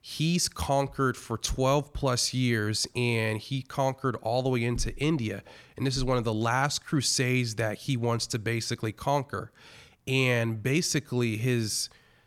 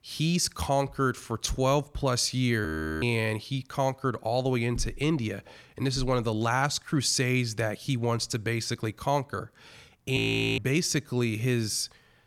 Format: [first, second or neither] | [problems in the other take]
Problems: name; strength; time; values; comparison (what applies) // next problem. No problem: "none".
first | audio freezing; at 2.5 s and at 10 s